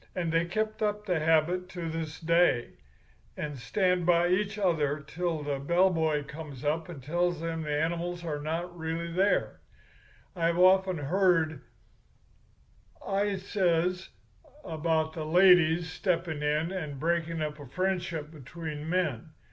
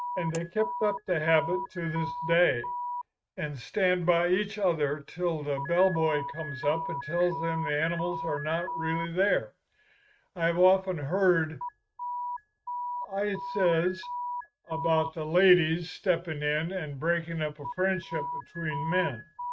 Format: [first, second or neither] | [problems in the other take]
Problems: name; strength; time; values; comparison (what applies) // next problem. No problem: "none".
first | noise reduction (neural mask model RNNoise)